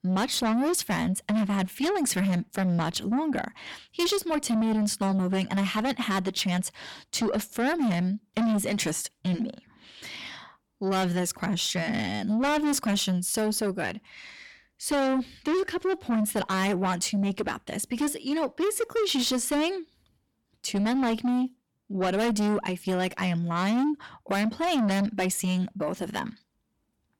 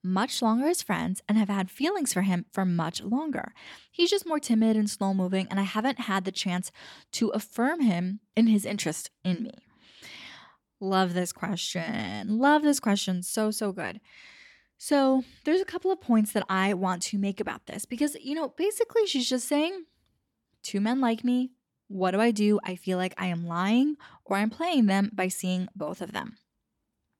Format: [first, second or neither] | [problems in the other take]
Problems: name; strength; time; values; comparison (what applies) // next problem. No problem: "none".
second | distortion; heavy; 7 dB below the speech